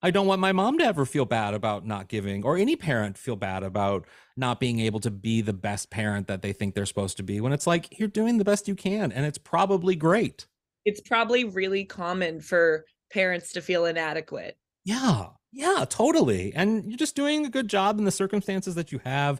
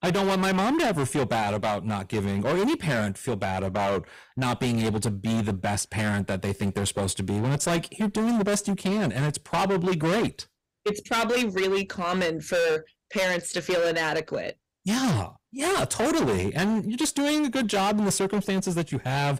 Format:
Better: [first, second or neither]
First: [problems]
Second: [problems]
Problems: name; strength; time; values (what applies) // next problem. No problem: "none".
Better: first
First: none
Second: distortion; heavy; 24% of the sound clipped